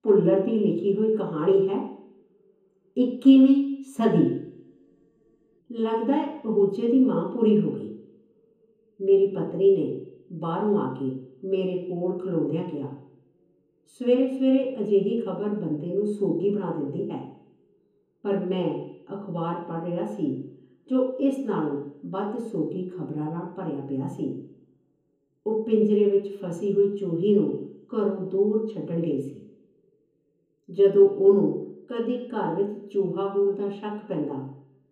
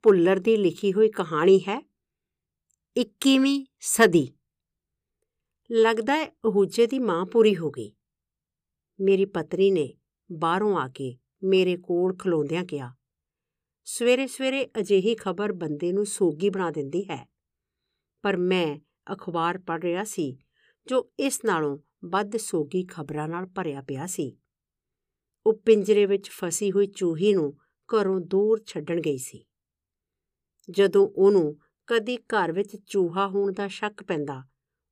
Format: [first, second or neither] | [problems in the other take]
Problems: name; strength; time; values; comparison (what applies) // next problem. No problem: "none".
second | room echo; noticeable; dies away in 0.8 s // off-mic speech; far